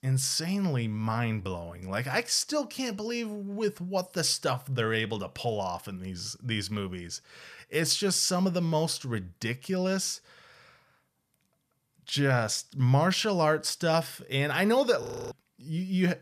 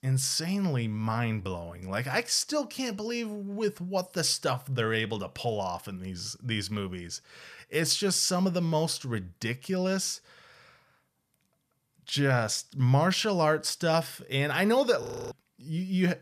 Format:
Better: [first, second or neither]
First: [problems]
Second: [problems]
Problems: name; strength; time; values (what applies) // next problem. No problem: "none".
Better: neither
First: audio freezing; at 15 s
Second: audio freezing; at 15 s